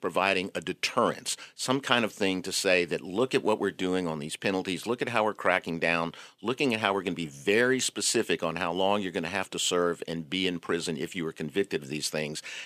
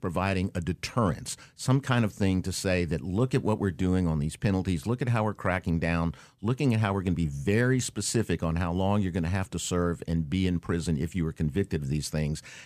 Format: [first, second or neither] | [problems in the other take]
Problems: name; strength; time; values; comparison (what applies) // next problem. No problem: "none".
second | thin; somewhat; fading below 400 Hz